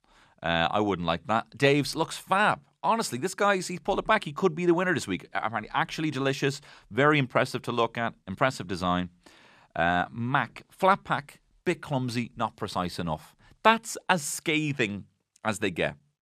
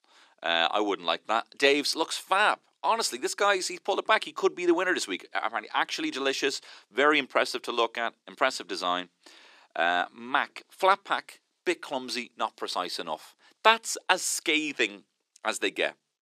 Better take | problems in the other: first | thin; somewhat; fading below 300 Hz

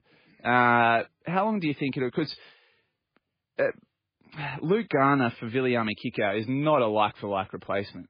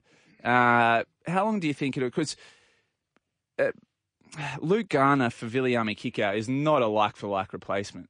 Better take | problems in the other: second | garbled, watery; badly; nothing above 5 kHz; slightly in the second

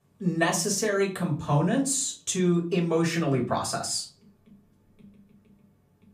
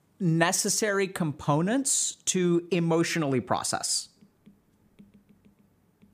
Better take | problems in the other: second | off-mic speech; far // room echo; very slight; dies away in 0.3 s

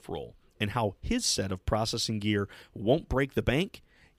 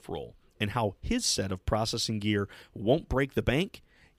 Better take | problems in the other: neither | none

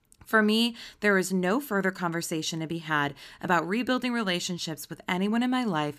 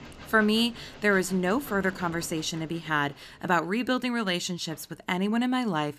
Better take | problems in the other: first | train or aircraft noise; faint; throughout; 20 dB below the speech

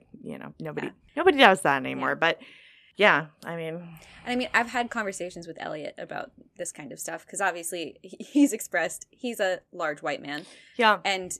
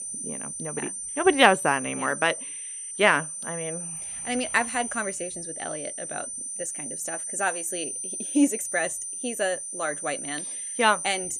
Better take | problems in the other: first | high-pitched whine; loud; throughout; 9 kHz, 5 dB below the speech

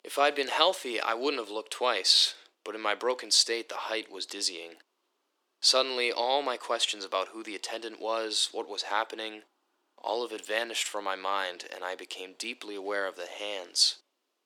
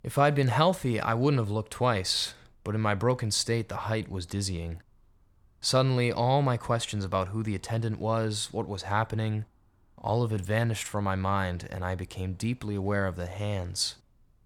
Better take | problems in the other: second | thin; very; fading below 300 Hz

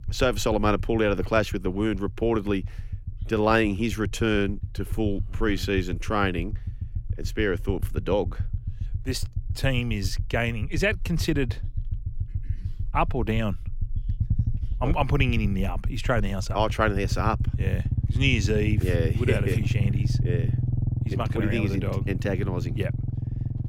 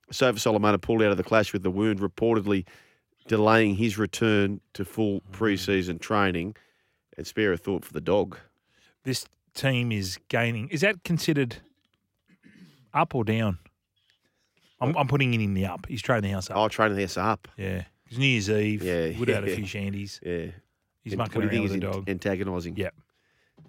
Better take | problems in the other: second | low rumble; noticeable; throughout; 15 dB below the speech

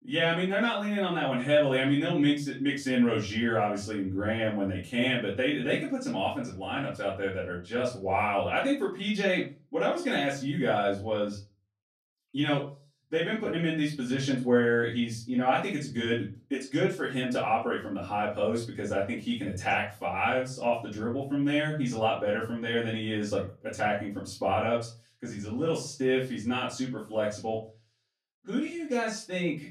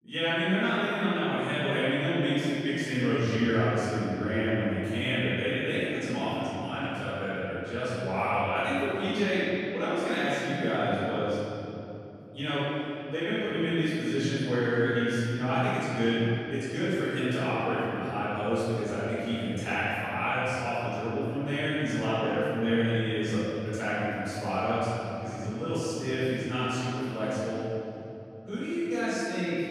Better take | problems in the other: first | room echo; strong; dies away in 3 s; slight in the first // off-mic speech; far; far in the first

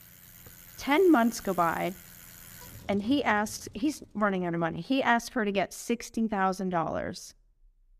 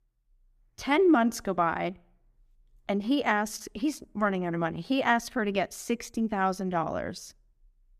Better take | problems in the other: second | traffic noise; noticeable; throughout; 20 dB below the speech

